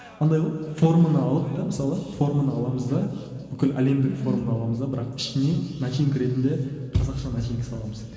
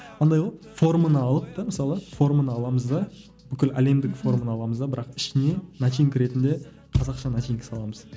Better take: second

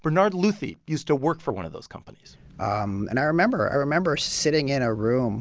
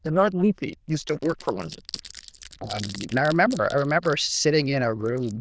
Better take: first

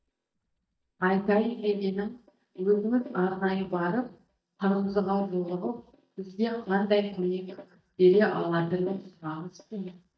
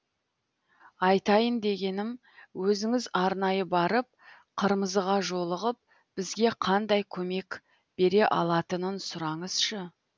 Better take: second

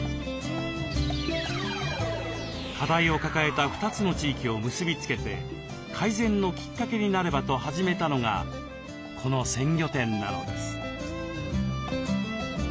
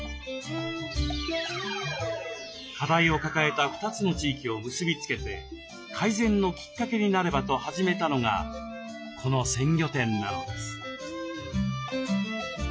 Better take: first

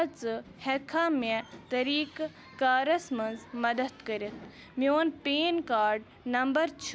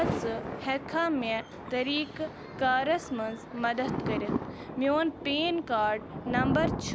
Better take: first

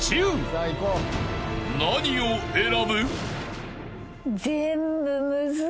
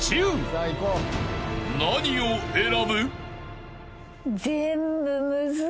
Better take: second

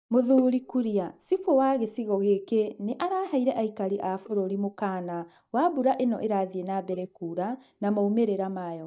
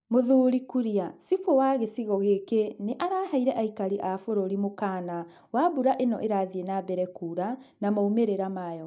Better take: second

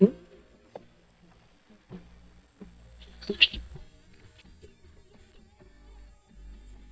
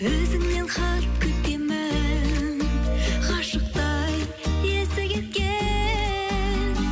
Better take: second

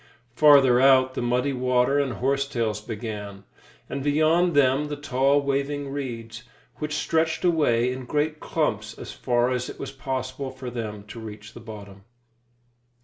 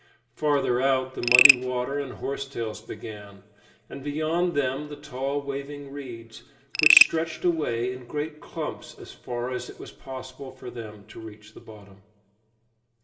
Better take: first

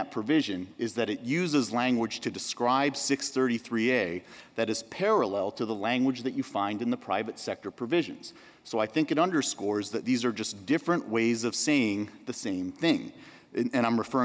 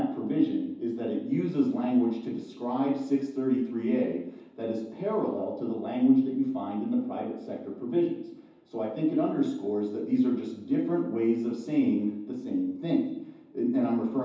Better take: first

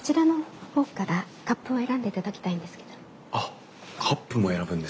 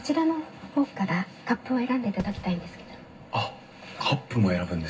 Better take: first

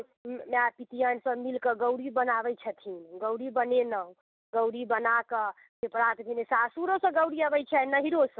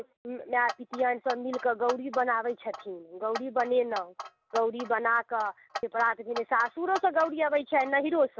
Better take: first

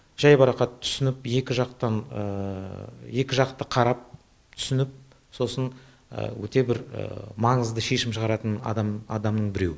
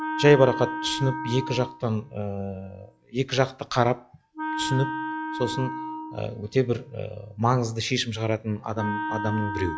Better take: first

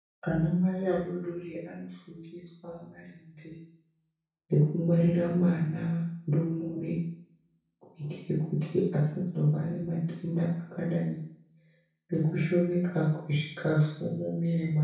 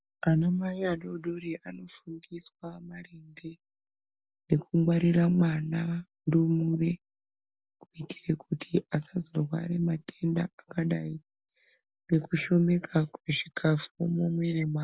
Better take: second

